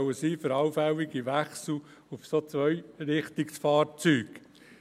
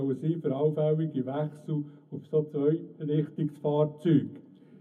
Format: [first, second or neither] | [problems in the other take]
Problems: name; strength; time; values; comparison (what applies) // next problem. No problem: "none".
first | room echo; dies away in 0.3 s